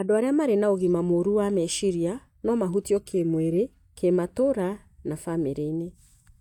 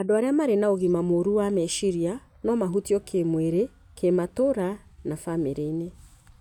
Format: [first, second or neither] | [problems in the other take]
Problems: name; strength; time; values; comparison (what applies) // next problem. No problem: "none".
second | noise reduction (neural mask model DeepFilterNet 3)